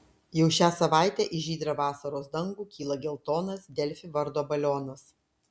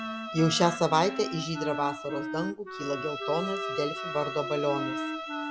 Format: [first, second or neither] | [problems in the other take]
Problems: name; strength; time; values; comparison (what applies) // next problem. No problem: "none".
first | background sound (Bowed string instrument + Wind instrument, woodwind instrument); 5 dB below the speech